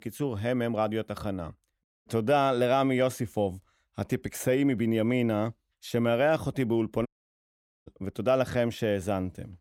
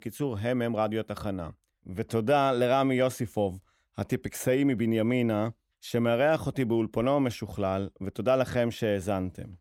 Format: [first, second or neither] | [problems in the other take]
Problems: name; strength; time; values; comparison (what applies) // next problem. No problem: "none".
second | audio cutting out; at 2 s and at 7 s for 1 s